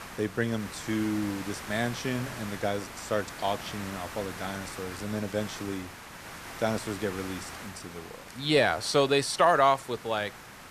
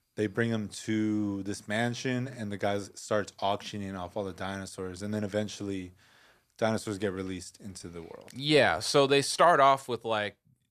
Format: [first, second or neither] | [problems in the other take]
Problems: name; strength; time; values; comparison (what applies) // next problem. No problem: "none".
second | hiss; noticeable; throughout; 10 dB below the speech